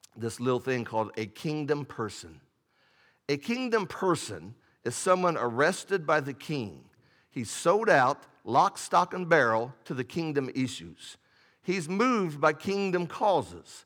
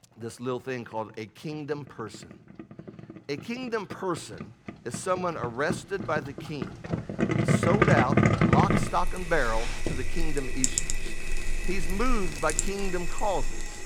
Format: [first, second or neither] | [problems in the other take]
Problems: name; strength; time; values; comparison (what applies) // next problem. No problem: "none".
first | household noises; very loud; throughout; 3 dB above the speech